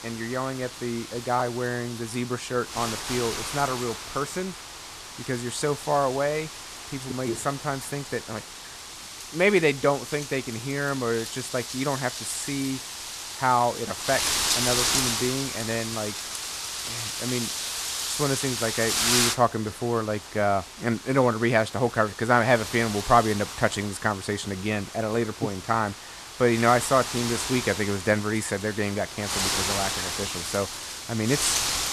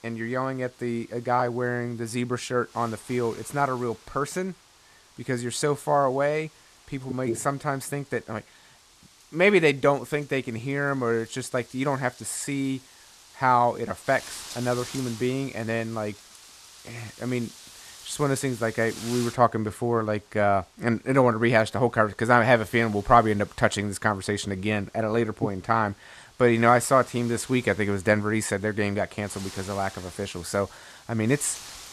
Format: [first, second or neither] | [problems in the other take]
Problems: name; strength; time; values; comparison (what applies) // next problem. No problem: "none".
second | wind noise on the microphone; heavy; 4 dB below the speech; occasional gusts in the second